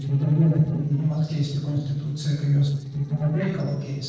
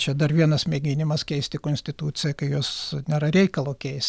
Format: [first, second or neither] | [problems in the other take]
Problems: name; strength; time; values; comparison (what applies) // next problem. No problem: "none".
second | noise reduction (neural separator model SepFormer DNS4)